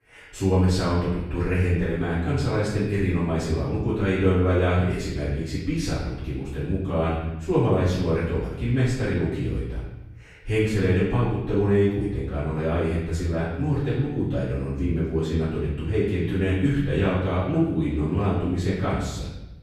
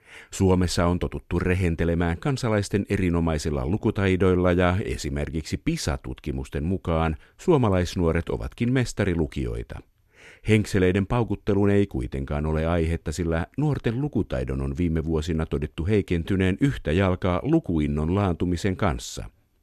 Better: second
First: room echo; noticeable; dies away in 1 s // off-mic speech; far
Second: none

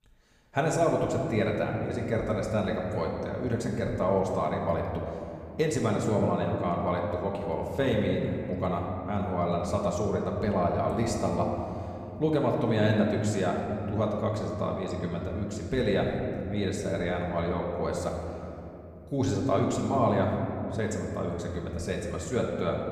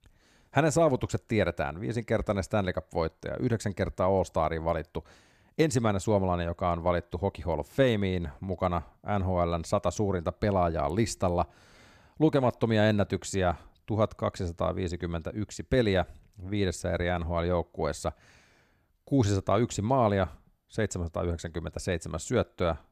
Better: second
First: room echo; noticeable; dies away in 2.6 s // off-mic speech; somewhat distant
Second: none

